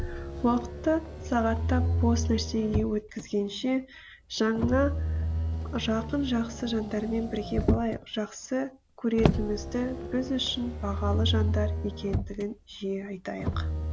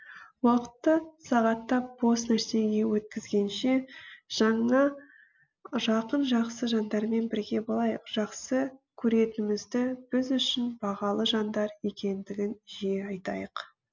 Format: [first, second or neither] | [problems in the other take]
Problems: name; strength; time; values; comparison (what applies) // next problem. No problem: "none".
second | background sound (Motor vehicle (road)); 1 dB below the speech